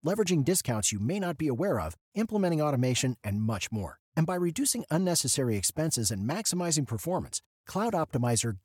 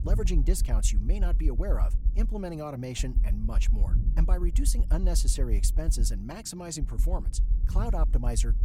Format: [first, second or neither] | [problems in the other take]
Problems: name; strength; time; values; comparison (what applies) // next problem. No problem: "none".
first | low rumble; noticeable; throughout; 15 dB below the speech